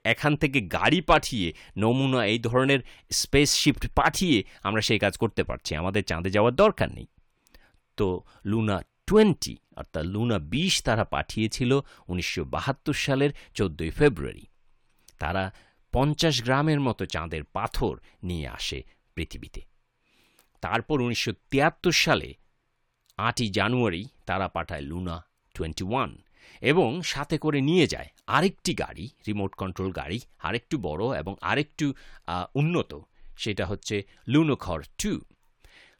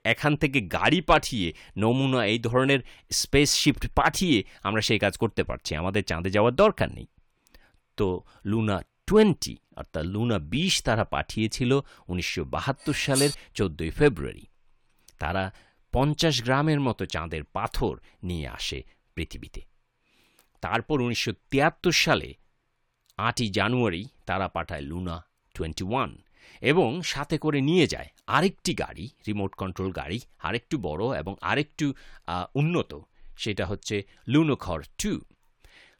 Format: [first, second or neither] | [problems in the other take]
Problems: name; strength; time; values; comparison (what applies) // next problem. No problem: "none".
first | clattering dishes; noticeable; at 13 s; peak 2 dB below the speech